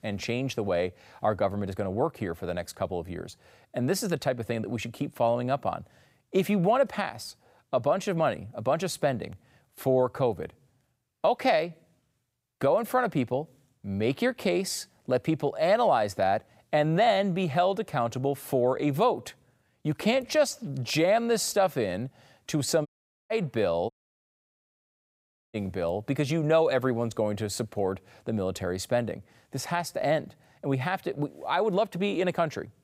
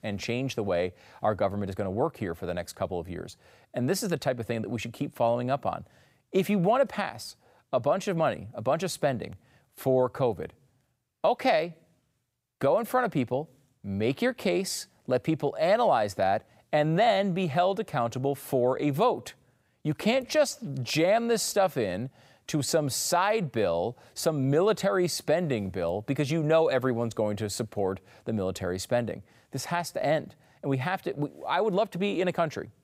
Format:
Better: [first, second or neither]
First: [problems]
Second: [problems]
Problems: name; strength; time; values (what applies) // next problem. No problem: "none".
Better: second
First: audio cutting out; at 23 s and at 24 s for 1.5 s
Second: none